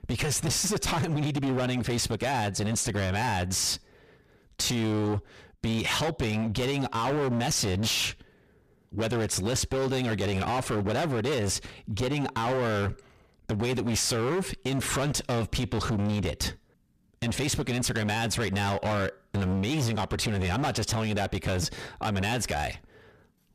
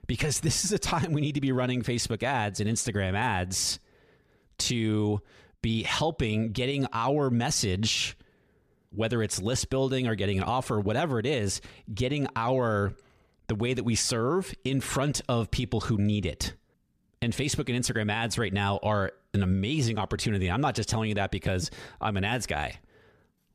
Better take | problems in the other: second | distortion; heavy; 26% of the sound clipped

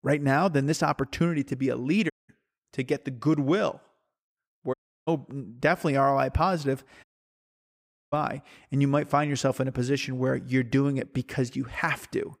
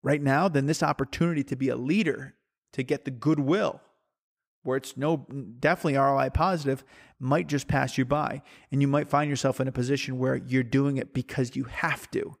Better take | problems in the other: second | audio cutting out; at 2 s, at 4.5 s and at 7 s for 1 s

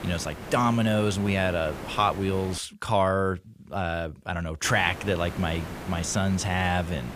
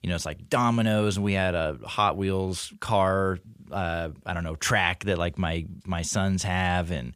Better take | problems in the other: second | hiss; noticeable; until 2.5 s and from 4.5 s on; 15 dB below the speech

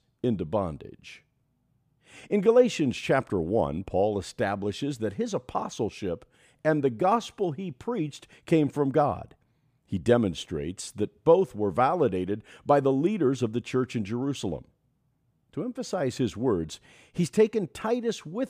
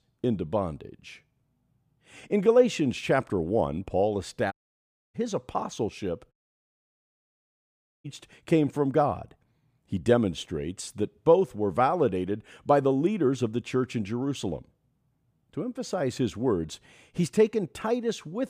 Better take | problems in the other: first | audio cutting out; at 4.5 s for 0.5 s and at 6.5 s for 1.5 s

